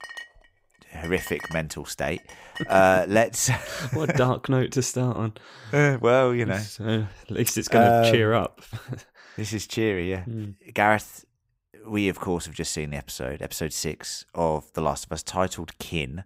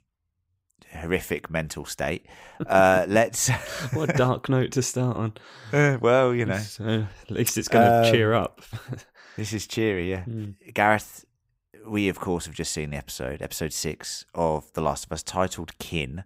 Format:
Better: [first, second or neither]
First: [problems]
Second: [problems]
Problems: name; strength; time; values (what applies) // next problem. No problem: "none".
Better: second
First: clattering dishes; faint; until 3 s; peak 15 dB below the speech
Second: none